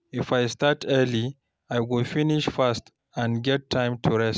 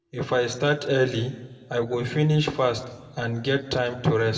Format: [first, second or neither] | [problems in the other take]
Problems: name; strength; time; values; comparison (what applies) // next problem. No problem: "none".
first | room echo; dies away in 1.2 s